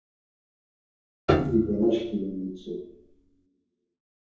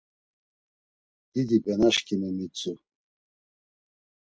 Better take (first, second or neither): second